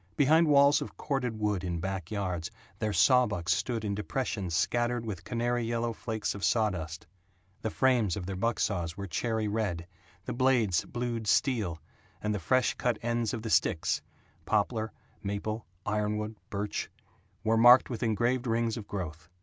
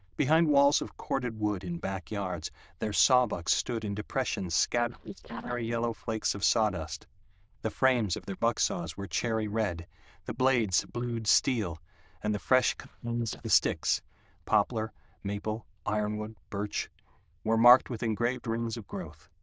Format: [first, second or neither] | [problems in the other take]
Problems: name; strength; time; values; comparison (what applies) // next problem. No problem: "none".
first | noise reduction (neural diffusion model UNIVERSE++)